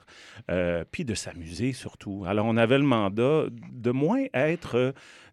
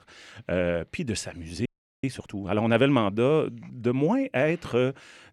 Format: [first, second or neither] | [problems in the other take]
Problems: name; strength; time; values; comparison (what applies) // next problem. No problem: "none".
first | audio freezing; at 1.5 s